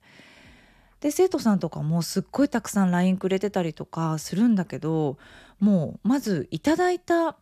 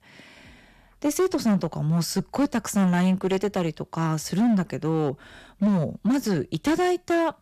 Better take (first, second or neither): first